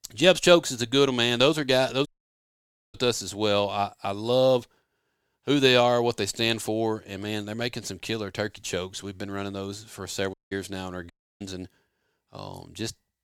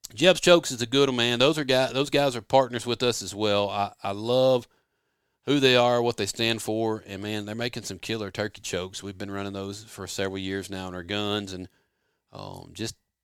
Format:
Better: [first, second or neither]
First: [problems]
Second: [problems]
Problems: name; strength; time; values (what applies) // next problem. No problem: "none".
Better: second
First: audio cutting out; at 2 s for 1 s, at 10 s and at 11 s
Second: none